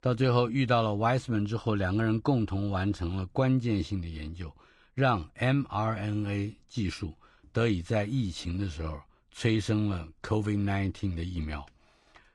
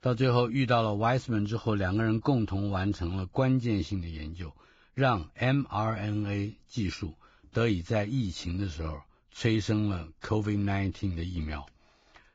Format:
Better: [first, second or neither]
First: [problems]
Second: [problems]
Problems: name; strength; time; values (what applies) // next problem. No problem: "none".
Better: first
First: garbled, watery; slightly; nothing above 10.5 kHz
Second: garbled, watery; badly; nothing above 7.5 kHz